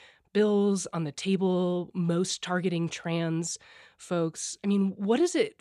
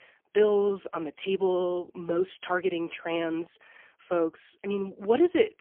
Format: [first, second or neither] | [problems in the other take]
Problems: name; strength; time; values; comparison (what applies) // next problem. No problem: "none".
first | phone-call audio; poor line; nothing above 3.5 kHz